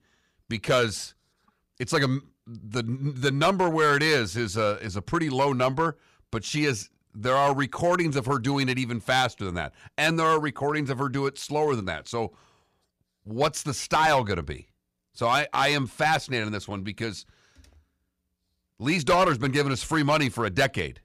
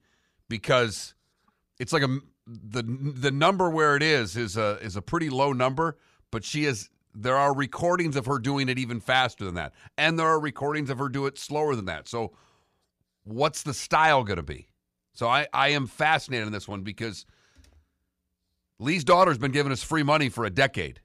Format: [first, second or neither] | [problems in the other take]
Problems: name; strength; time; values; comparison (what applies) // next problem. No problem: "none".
second | distortion; slight; 3% of the sound clipped